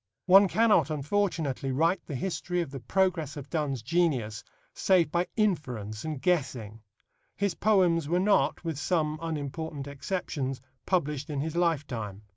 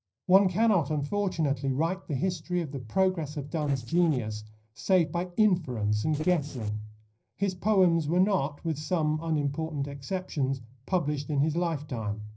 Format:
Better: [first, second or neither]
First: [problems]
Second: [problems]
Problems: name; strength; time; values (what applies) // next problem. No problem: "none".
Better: first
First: none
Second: noise reduction (neural separator model SepFormer DNS4)